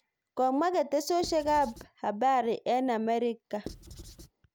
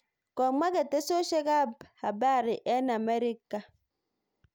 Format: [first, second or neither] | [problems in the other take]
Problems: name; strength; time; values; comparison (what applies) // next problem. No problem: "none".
second | background sound (Writing); 15 dB below the speech